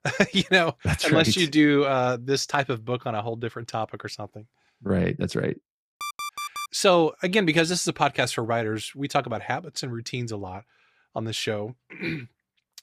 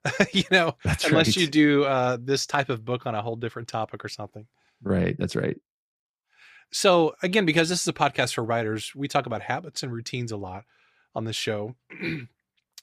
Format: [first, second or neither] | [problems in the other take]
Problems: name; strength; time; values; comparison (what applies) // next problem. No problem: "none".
second | alarm; noticeable; at 6 s; peak 8 dB below the speech